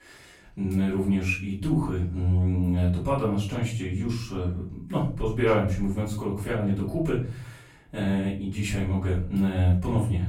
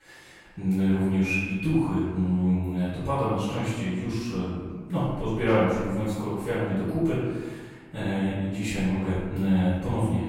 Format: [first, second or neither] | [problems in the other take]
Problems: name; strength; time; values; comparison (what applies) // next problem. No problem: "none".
first | room echo; strong; dies away in 1.3 s; slight in the first // off-mic speech; far; far in the first